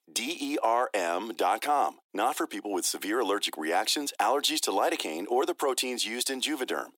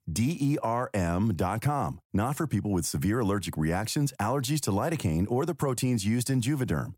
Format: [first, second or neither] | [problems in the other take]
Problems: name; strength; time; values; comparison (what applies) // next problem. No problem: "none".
second | thin; very; fading below 300 Hz